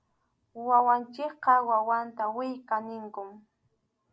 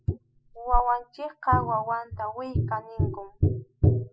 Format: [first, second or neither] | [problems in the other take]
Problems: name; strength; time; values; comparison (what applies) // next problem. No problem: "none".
first | noise reduction (classical method spectral subtraction)